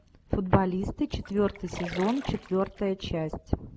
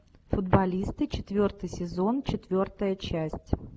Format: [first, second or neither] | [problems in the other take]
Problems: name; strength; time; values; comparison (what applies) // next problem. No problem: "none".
second | background sound (Splash, splatter); 15 dB below the speech